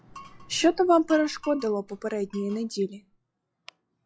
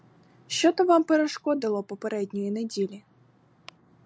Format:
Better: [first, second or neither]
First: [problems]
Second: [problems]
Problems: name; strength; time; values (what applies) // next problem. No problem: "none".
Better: second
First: noise reduction (classical method log-MMSE)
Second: none